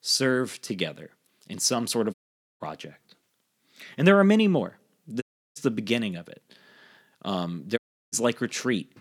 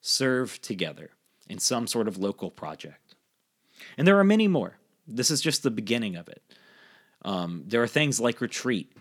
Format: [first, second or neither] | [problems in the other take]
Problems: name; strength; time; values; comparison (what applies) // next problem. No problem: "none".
second | audio cutting out; at 2 s, at 5 s and at 8 s